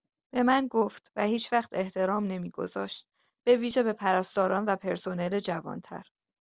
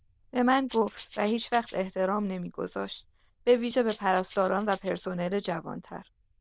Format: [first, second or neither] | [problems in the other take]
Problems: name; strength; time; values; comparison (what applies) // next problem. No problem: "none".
first | noise reduction (neural diffusion model UNIVERSE++)